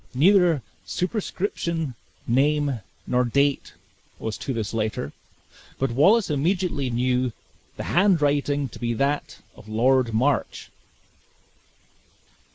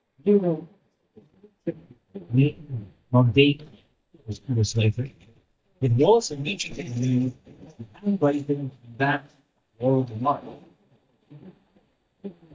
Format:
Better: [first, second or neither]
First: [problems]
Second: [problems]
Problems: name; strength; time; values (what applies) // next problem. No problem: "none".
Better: first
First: none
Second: noise reduction (neural mask model DeepFilterNet 3)